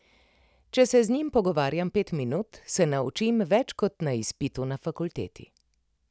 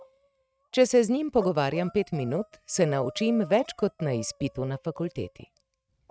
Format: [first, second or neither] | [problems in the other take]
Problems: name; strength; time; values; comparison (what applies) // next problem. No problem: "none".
first | noise reduction (neural mask model RNNoise)